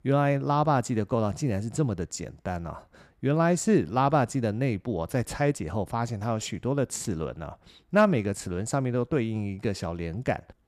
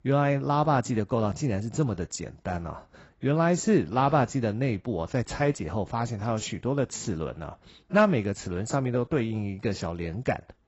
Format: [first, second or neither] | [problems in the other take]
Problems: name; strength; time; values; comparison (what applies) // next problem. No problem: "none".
first | garbled, watery; badly; nothing above 8 kHz